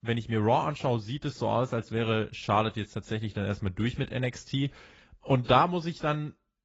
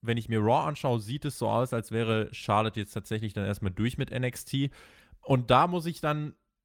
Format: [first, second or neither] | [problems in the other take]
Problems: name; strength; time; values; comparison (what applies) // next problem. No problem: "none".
second | garbled, watery; badly; nothing above 7.5 kHz